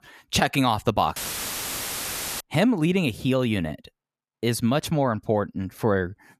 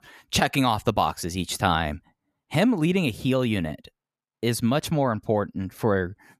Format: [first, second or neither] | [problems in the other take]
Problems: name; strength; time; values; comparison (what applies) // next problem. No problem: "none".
second | audio cutting out; filled with static; at 1 s for 1.5 s